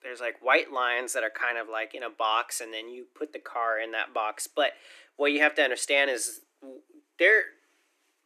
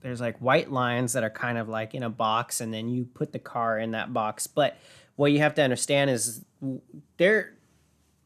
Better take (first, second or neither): second